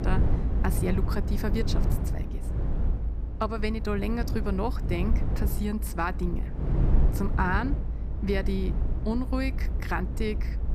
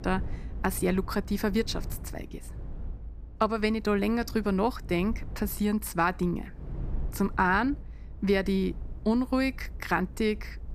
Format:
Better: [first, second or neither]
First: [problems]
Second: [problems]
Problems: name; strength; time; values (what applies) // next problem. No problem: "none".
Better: second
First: low rumble; loud; throughout; 9 dB below the speech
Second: low rumble; faint; throughout; 25 dB below the speech